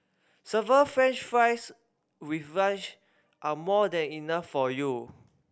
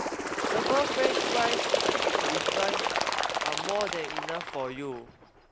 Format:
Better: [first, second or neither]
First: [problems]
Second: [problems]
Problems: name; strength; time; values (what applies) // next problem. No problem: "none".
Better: first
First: none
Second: background sound (Bird); 4 dB above the speech